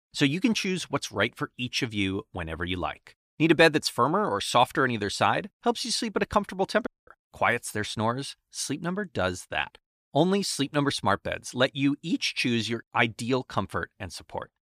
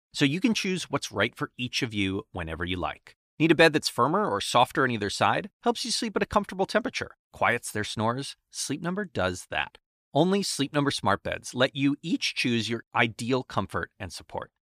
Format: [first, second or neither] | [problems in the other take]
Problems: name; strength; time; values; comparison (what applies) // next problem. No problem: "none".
second | audio cutting out; at 7 s